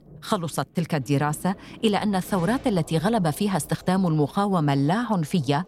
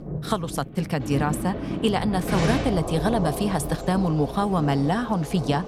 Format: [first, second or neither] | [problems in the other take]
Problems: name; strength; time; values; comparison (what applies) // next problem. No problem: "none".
first | rain or running water; loud; throughout; 6 dB below the speech; faint in the first